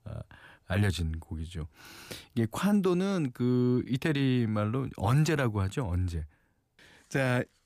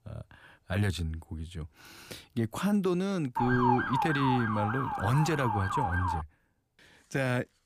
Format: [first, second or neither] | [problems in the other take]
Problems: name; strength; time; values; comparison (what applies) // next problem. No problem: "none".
first | siren; loud; from 3.5 to 6 s; peak 3 dB above the speech